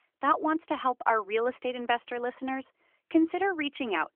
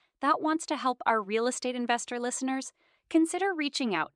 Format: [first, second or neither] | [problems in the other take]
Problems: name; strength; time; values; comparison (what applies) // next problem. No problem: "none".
second | phone-call audio; nothing above 3 kHz